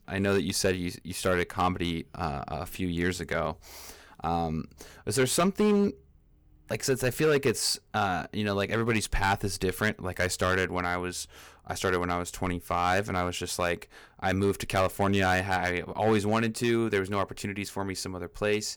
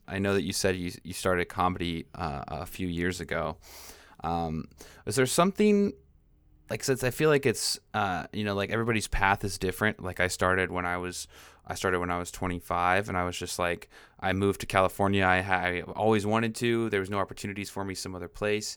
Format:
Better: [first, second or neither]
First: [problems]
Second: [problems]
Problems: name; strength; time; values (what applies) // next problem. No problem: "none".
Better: second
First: distortion; slight; 3% of the sound clipped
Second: none